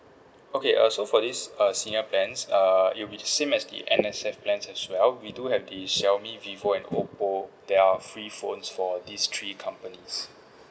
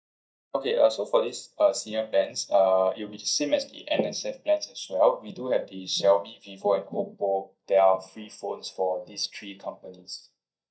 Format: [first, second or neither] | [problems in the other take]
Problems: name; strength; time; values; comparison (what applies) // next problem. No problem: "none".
first | noise reduction (neural mask model DeepFilterNet 3)